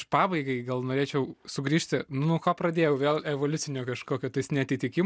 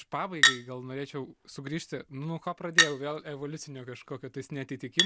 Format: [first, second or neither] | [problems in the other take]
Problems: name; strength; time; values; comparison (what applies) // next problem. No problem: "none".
first | background sound (Chink, clink); 5 dB above the speech